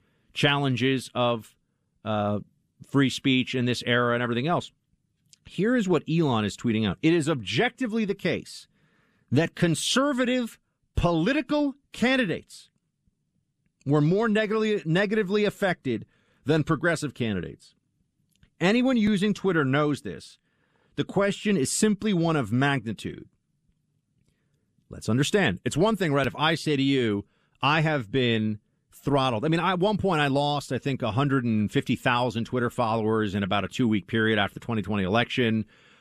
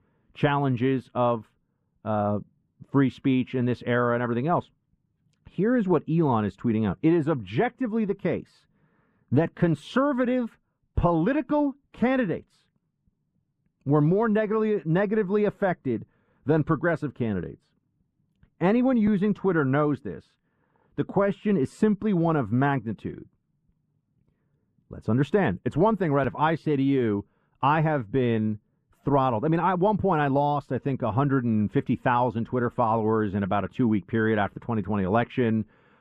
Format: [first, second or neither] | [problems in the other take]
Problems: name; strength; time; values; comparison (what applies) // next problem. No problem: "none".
first | muffled; very; fading above 2.5 kHz